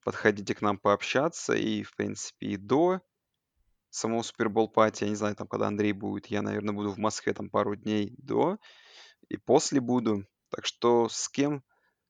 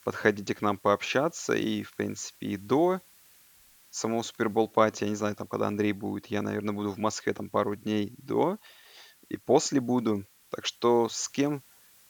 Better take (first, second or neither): first